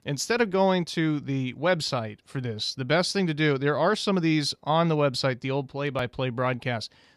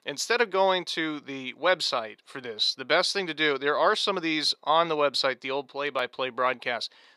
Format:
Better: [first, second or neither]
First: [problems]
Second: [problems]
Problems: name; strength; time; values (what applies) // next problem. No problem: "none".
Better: first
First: none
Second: thin; somewhat; fading below 450 Hz